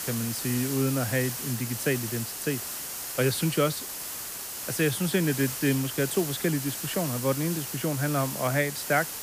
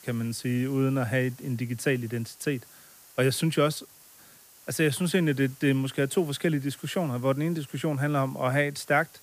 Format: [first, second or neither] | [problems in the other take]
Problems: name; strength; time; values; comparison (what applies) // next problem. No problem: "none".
second | hiss; loud; throughout; 4 dB below the speech; faint in the second